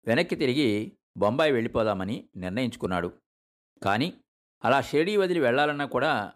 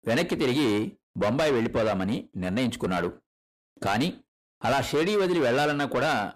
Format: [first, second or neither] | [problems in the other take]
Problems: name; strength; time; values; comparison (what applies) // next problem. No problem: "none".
first | distortion; heavy; 8 dB below the speech